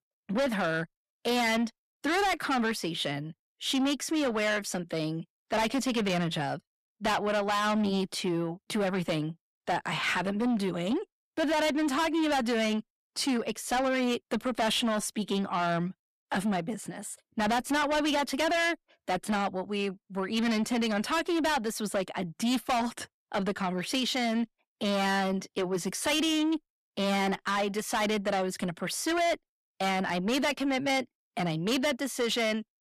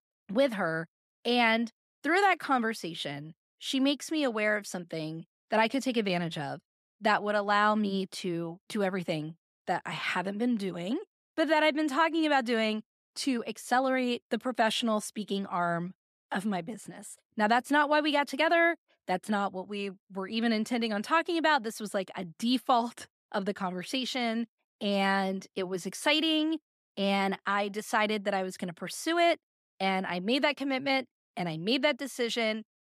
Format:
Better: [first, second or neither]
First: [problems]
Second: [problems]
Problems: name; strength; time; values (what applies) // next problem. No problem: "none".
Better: second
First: distortion; heavy; 6 dB below the speech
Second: none